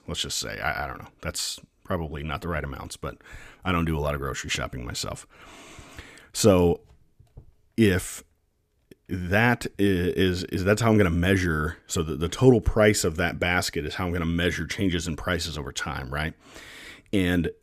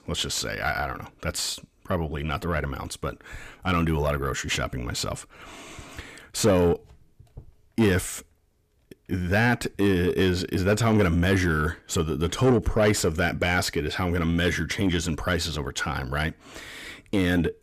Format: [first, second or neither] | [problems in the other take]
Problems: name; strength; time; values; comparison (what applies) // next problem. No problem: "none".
first | distortion; slight; 10 dB below the speech